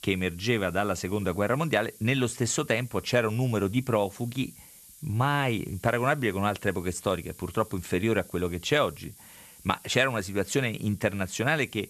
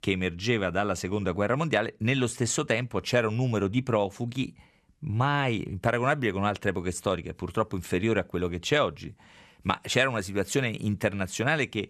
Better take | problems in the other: second | hiss; faint; throughout; 20 dB below the speech

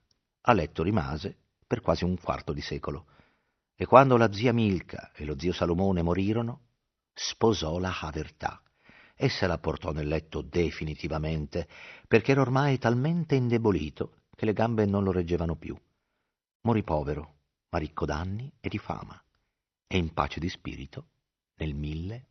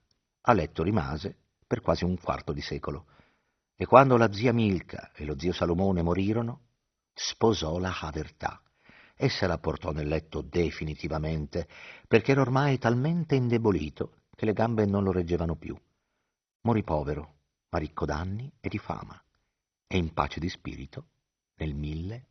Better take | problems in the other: first | garbled, watery; badly; nothing above 6 kHz; slightly in the first

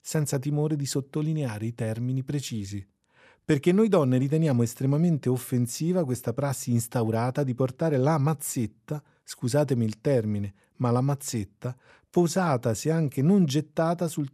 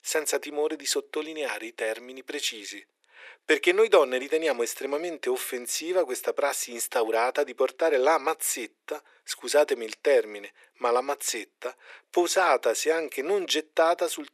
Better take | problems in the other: first | thin; very; fading below 350 Hz

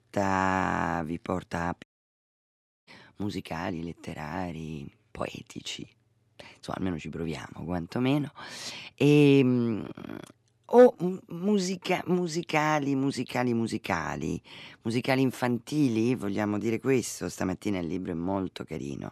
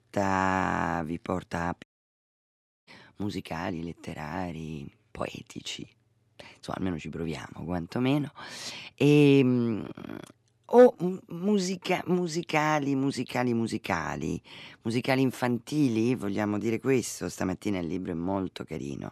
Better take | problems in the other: neither | audio cutting out; at 2 s for 1 s; the same in both

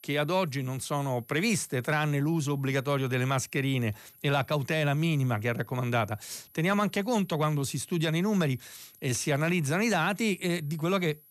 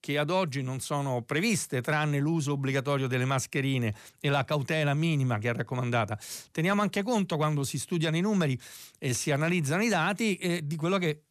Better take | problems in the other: second | high-pitched whine; faint; throughout; 11.5 kHz, 25 dB below the speech

